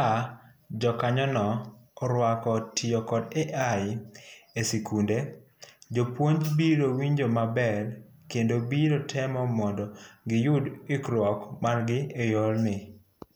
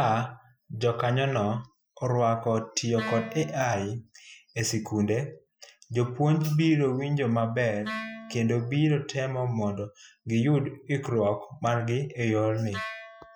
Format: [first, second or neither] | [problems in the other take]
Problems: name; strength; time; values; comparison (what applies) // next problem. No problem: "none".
first | noise reduction (classical method Wiener filter)